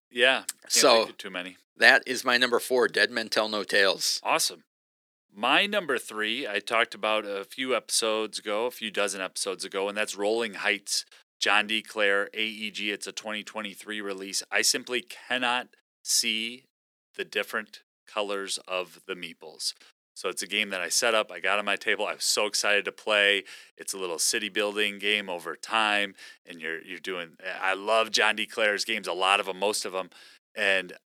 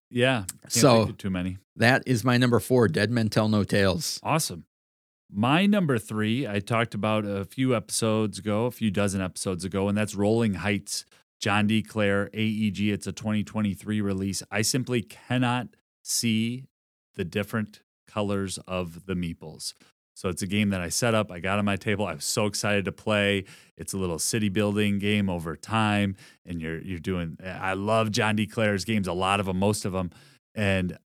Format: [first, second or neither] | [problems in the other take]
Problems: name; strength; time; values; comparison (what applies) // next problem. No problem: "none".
second | thin; very; fading below 400 Hz